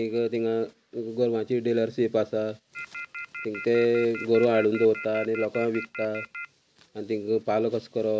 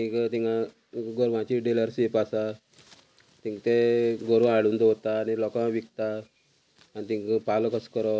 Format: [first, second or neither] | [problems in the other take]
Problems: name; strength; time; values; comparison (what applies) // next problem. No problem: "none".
second | background sound (Telephone); 12 dB below the speech